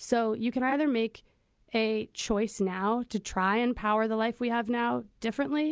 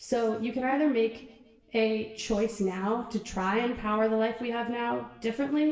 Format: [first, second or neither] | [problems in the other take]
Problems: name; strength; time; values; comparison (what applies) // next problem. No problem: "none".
first | room echo; dies away in 1 s